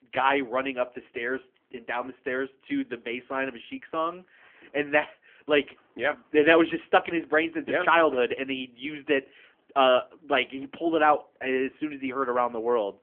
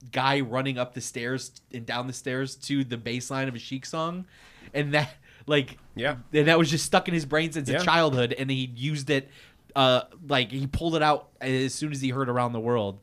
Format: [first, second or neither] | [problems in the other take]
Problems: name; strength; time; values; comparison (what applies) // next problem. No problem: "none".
second | phone-call audio; nothing above 3 kHz